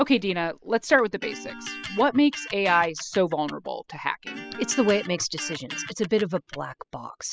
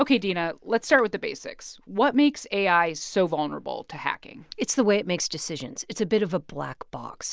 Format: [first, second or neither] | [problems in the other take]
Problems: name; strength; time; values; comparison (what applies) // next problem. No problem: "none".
second | noise reduction (classical method spectral subtraction)